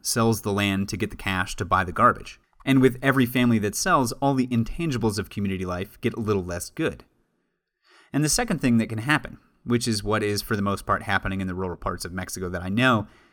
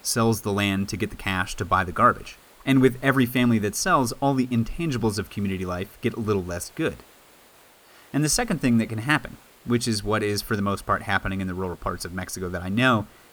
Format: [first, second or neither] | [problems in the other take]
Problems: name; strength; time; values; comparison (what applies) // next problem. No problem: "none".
first | hiss; faint; throughout; 25 dB below the speech